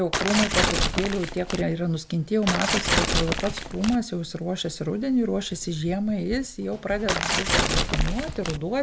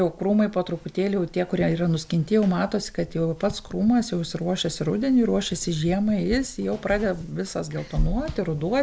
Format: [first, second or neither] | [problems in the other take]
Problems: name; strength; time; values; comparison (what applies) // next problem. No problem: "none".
second | background sound (Tearing); 1 dB above the speech